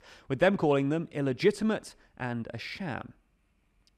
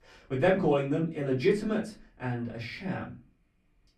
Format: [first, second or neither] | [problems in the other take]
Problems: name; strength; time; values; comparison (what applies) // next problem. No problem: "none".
first | off-mic speech; far // room echo; slight; dies away in 0.3 s